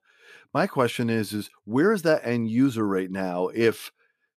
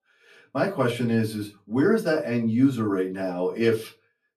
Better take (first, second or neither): first